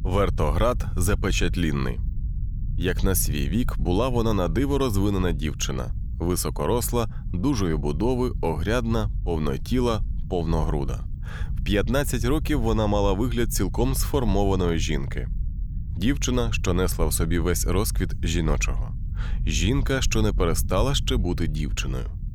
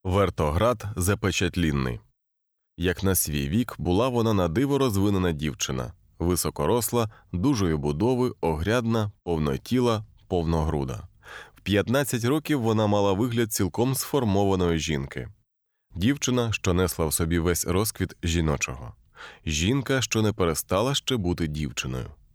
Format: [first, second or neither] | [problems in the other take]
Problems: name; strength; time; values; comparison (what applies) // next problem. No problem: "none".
second | low rumble; noticeable; throughout; 20 dB below the speech